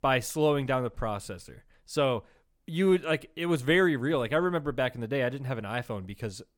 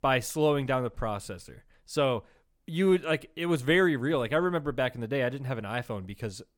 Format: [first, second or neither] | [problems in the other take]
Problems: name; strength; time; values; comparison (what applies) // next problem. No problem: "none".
neither | none